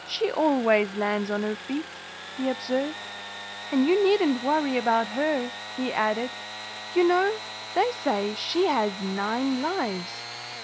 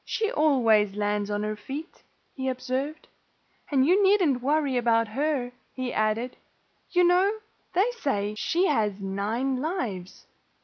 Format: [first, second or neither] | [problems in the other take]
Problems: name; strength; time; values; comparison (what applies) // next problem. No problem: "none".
second | background sound (Sawing / Engine); 11 dB below the speech